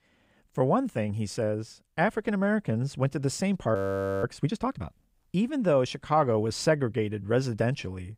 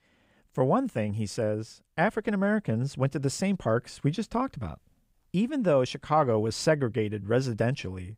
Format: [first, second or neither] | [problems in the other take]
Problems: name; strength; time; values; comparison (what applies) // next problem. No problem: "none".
second | audio freezing; at 4 s